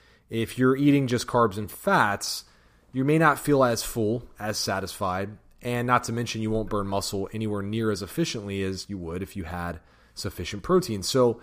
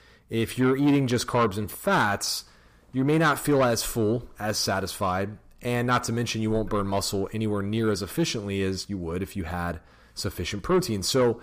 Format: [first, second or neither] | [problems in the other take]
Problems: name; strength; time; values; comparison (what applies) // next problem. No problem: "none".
first | distortion; slight; 10 dB below the speech